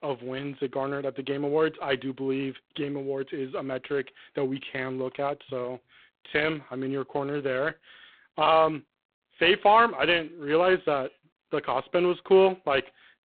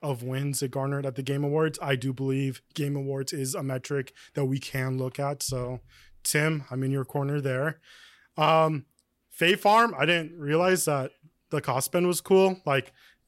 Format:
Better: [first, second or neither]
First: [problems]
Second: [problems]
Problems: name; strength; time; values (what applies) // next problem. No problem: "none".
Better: second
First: phone-call audio; poor line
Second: none